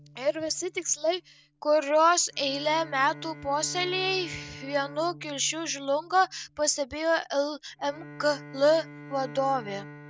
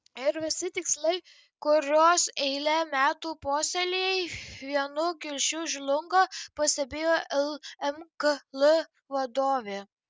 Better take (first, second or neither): second